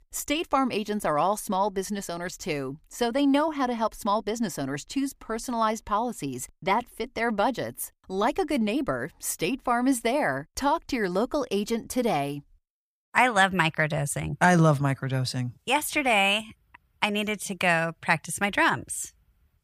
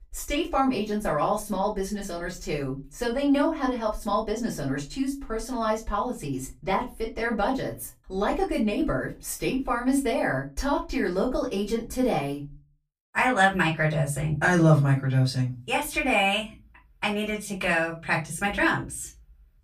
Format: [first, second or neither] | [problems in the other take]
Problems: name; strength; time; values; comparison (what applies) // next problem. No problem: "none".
first | off-mic speech; far // room echo; very slight; dies away in 0.3 s